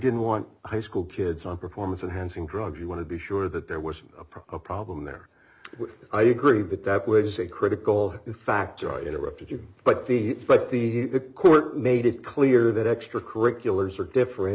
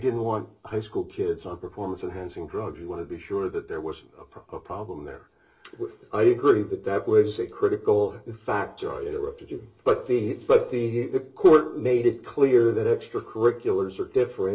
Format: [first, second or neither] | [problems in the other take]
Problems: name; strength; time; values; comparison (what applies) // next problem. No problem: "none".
first | room echo; dies away in 0.2 s